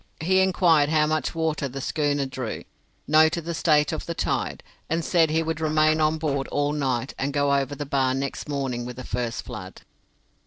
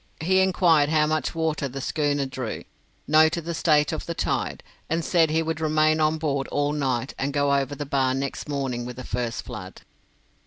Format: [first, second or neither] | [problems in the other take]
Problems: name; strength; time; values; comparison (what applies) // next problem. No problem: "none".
second | noise reduction (neural separator model SepFormer DNS4)